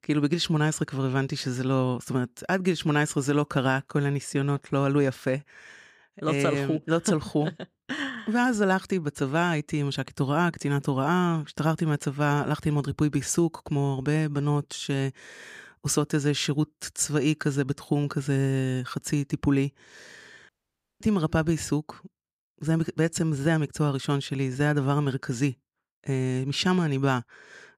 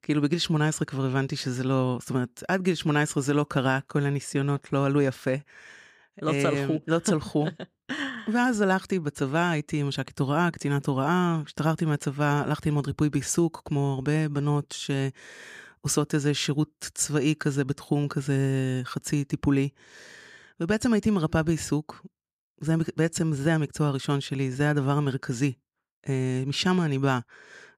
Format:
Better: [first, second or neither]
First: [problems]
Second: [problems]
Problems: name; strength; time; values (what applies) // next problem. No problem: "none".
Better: second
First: audio cutting out; at 20 s for 0.5 s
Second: none